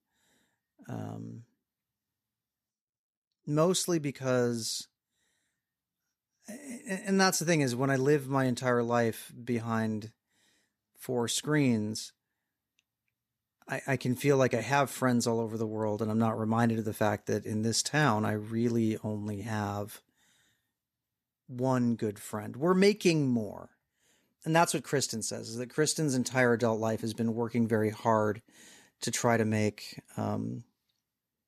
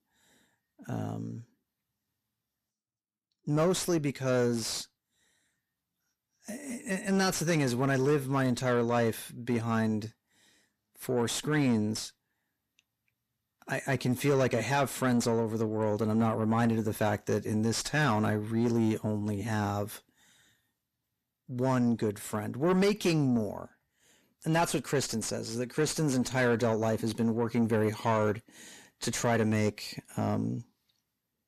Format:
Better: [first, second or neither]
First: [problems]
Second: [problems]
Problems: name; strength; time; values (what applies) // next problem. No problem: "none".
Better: first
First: none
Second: distortion; slight; 10 dB below the speech